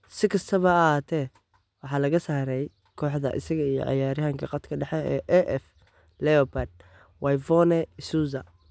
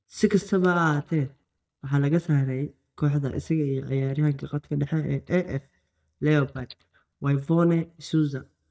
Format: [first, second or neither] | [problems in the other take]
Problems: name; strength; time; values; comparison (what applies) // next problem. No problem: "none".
first | noise reduction (neural mask model DeepFilterNet 3)